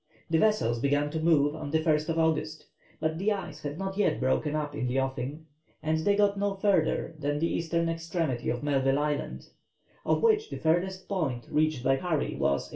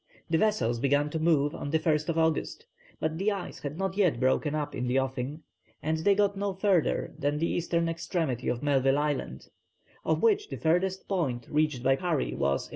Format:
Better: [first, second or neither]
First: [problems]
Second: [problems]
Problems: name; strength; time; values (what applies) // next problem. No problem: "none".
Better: second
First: room echo; dies away in 0.3 s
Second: none